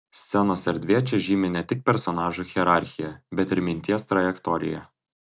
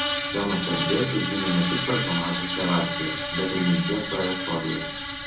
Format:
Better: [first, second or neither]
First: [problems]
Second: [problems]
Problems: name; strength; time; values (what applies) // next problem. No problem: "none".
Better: first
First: none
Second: background sound (Screech); 2 dB below the speech // room echo; dies away in 0.6 s